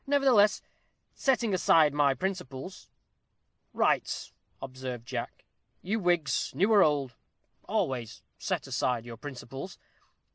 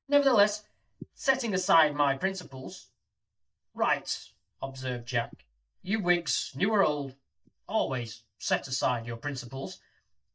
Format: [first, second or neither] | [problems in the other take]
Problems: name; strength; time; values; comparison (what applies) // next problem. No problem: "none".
first | noise reduction (neural mask model DeepFilterNet 3)